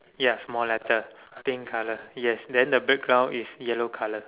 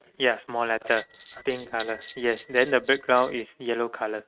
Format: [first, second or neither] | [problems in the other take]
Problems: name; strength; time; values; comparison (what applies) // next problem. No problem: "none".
first | noise reduction (neural mask model RNNoise)